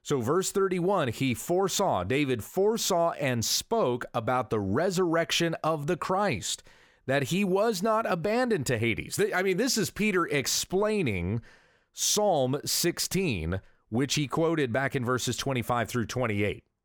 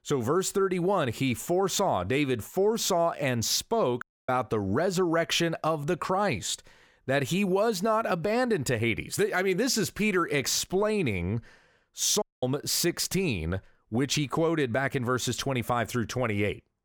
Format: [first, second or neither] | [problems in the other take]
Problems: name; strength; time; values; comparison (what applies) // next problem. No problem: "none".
first | audio cutting out; at 4 s and at 12 s